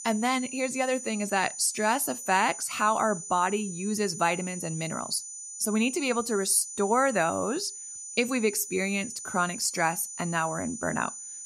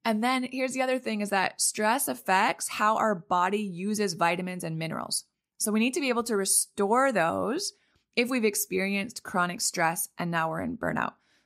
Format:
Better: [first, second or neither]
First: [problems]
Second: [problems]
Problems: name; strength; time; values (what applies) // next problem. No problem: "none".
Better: second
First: high-pitched whine; loud; throughout; 7 kHz, 9 dB below the speech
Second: none